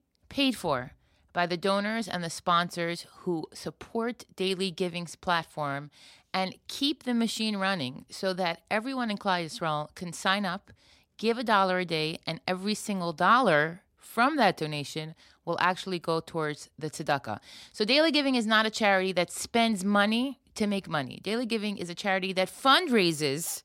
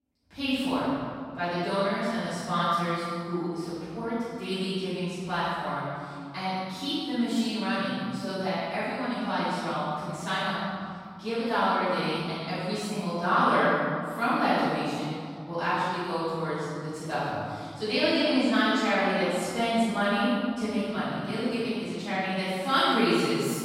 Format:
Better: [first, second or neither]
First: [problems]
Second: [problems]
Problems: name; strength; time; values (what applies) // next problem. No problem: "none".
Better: first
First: none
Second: off-mic speech; far // room echo; strong; dies away in 2.2 s